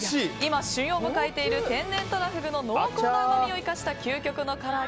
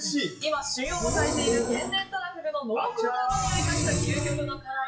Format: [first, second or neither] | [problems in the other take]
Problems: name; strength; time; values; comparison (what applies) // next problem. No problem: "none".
first | noise reduction (classical method WPE with log-MMSE)